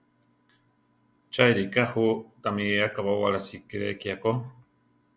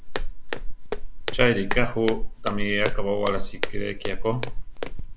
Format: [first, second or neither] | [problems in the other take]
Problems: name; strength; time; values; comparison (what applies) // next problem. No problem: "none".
first | background sound (Walk, footsteps); 3 dB above the speech